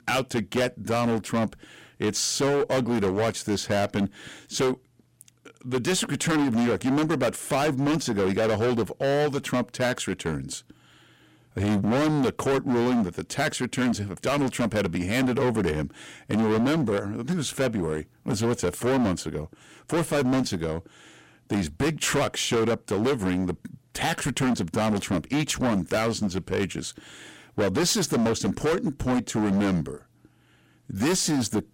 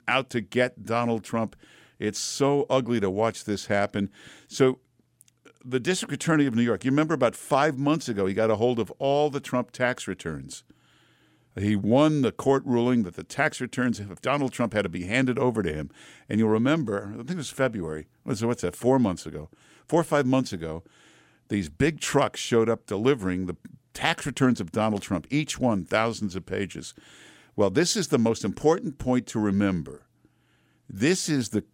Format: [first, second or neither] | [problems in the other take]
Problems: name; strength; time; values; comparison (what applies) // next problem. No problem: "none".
second | distortion; heavy; 18% of the sound clipped